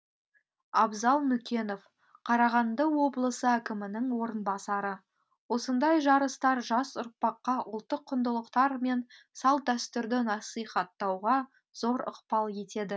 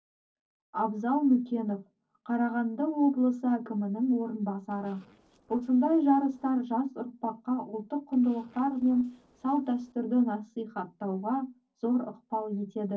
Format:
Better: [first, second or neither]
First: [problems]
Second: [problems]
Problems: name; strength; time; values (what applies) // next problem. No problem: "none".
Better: first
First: none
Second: noise reduction (neural separator model SepFormer DNS4)